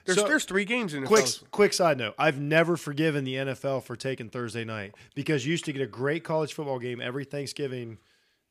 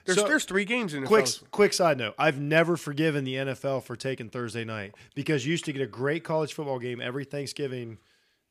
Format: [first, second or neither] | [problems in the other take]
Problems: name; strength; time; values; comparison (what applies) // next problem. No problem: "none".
second | clattering dishes; noticeable; at 1 s; peak 5 dB below the speech